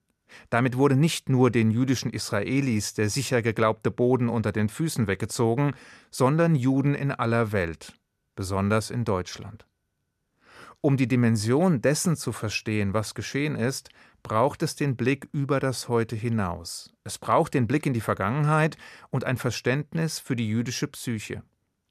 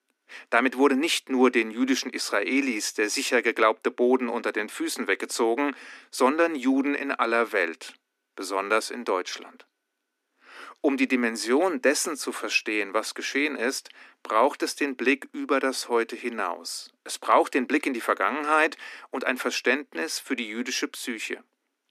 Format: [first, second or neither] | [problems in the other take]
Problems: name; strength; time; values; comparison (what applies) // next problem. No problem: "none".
first | thin; somewhat; fading below 250 Hz